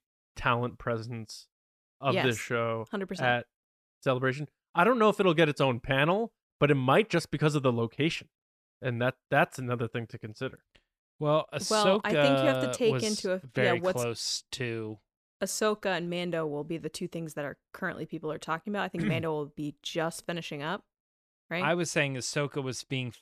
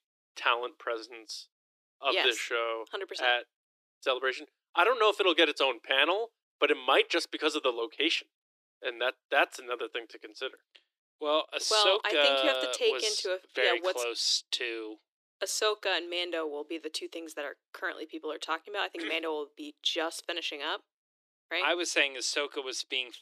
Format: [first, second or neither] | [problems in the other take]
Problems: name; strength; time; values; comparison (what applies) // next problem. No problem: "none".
first | thin; very; fading below 300 Hz